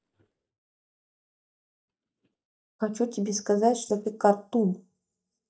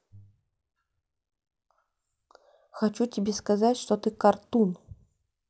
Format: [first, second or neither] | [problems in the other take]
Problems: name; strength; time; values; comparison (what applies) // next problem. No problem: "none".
second | noise reduction (neural mask model DeepFilterNet 3)